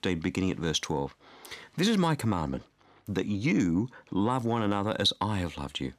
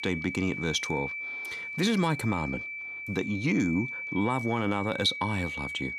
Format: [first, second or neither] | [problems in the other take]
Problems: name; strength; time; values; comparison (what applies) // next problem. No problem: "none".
first | high-pitched whine; loud; throughout; 2.5 kHz, 5 dB below the speech